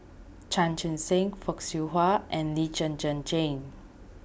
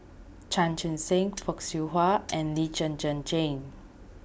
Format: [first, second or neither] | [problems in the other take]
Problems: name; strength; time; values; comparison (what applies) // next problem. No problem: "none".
first | background sound (Mechanisms); 18 dB below the speech